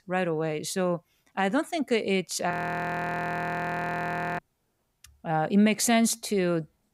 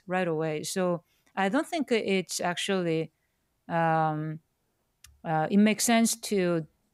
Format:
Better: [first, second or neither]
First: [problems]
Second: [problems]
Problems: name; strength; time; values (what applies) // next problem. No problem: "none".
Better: second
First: audio freezing; at 2.5 s for 2 s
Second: none